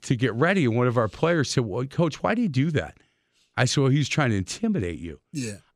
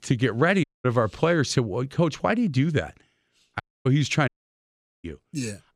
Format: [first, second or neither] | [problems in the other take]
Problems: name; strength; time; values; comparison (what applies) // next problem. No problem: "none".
first | audio cutting out; at 0.5 s, at 3.5 s and at 4.5 s for 1 s